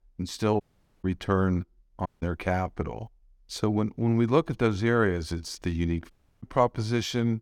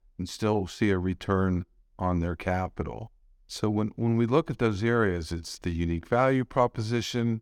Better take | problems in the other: second | audio cutting out; at 0.5 s, at 2 s and at 6 s

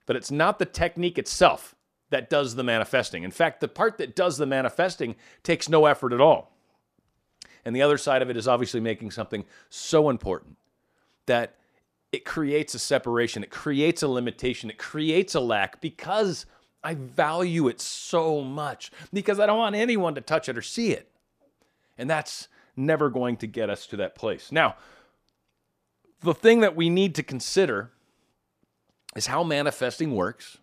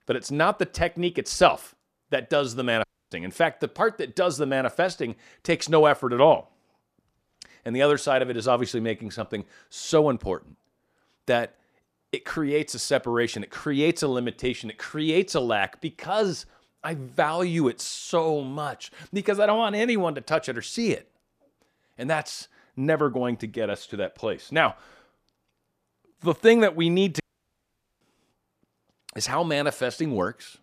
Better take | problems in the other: first | audio cutting out; at 3 s and at 27 s for 1 s

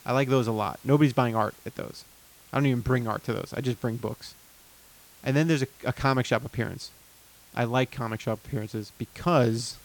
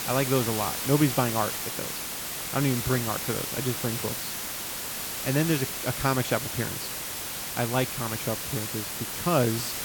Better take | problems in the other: first | hiss; loud; throughout; 2 dB below the speech; faint in the first

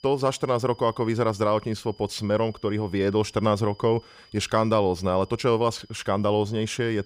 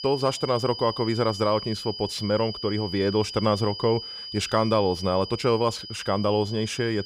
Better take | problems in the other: first | high-pitched whine; loud; throughout; 5 kHz, 9 dB below the speech; faint in the first

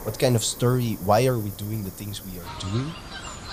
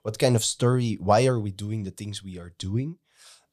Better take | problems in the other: second | animal sounds; noticeable; throughout; 15 dB below the speech

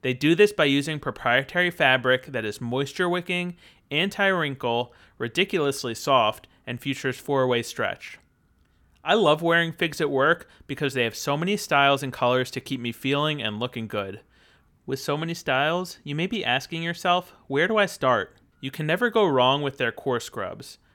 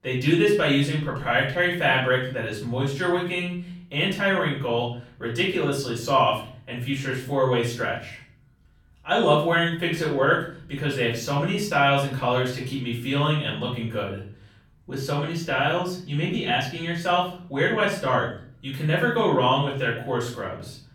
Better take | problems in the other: first | room echo; noticeable; dies away in 0.6 s // off-mic speech; far

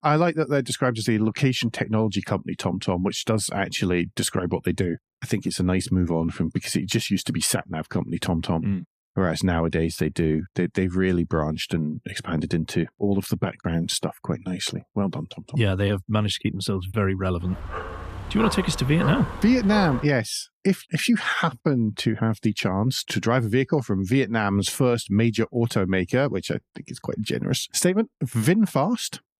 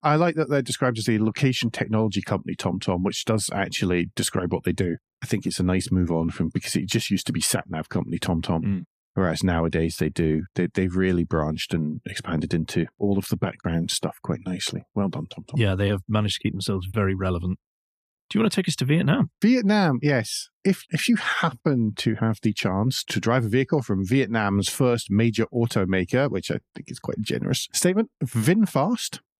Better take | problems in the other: second | dog barking; noticeable; from 17 to 20 s; peak 6 dB below the speech

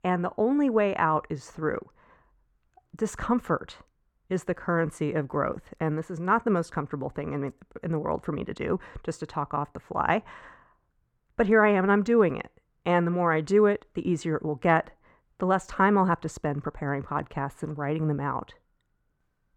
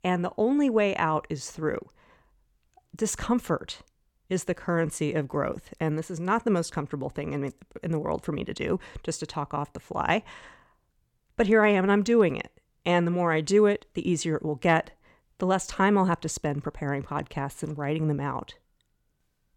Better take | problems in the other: second | muffled; slightly; fading above 2 kHz

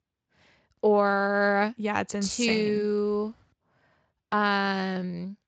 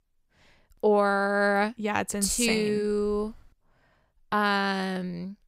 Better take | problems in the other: second | garbled, watery; slightly; nothing above 7.5 kHz

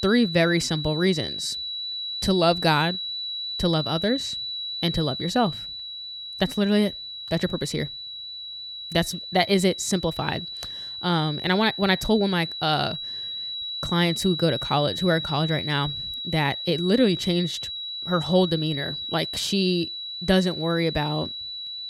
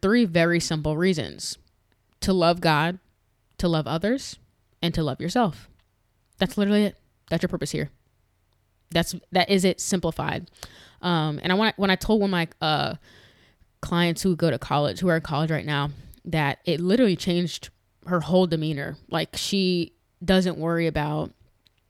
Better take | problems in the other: second | high-pitched whine; loud; throughout; 4 kHz, 6 dB below the speech

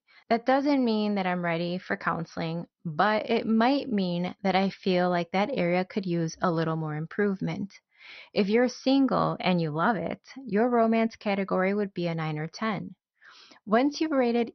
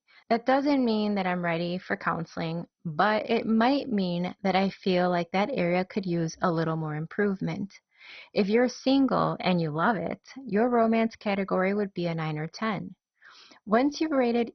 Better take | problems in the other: first | garbled, watery; badly; nothing above 6 kHz; slightly in the first

